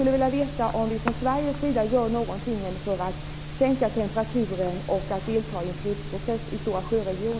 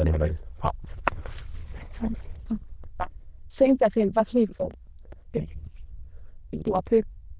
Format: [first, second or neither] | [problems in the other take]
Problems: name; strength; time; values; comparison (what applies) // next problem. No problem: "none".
first | noise reduction (neural diffusion model UNIVERSE++)